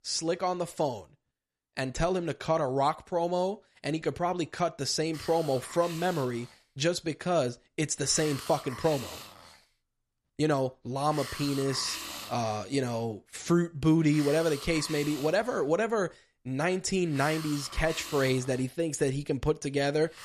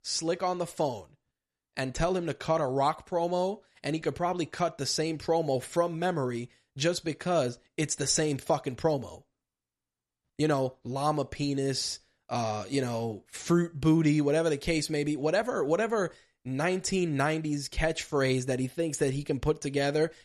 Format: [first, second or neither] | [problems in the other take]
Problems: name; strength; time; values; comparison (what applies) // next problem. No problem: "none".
second | hiss; noticeable; from 5 s on; 10 dB below the speech